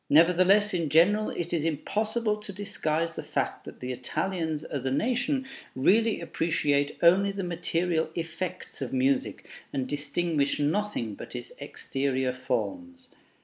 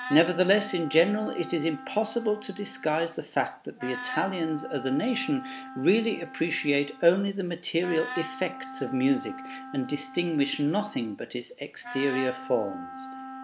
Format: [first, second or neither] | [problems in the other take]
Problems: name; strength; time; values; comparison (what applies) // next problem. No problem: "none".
first | background sound (Wind instrument, woodwind instrument); 13 dB below the speech